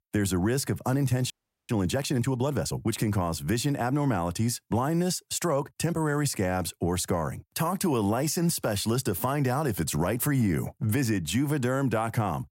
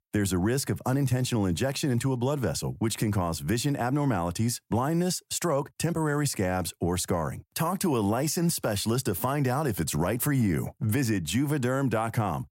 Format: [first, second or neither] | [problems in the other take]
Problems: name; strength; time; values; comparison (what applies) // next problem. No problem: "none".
second | audio freezing; at 1.5 s